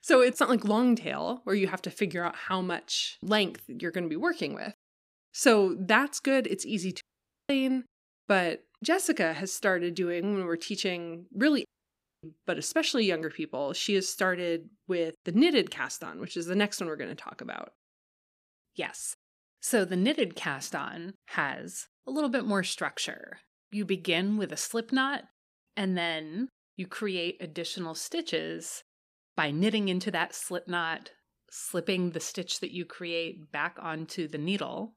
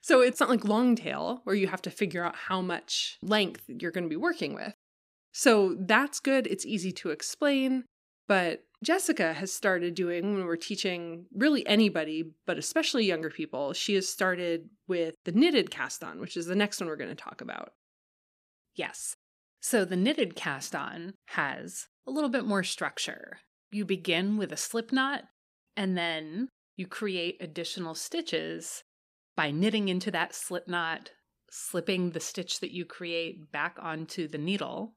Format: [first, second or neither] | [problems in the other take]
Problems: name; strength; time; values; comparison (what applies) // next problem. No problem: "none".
second | audio cutting out; at 7 s and at 12 s for 0.5 s